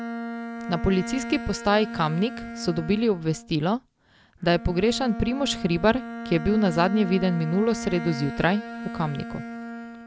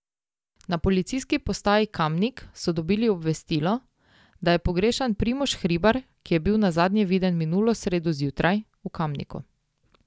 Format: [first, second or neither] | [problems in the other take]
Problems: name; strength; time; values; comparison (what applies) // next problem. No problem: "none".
second | background sound (Bowed string instrument); 10 dB below the speech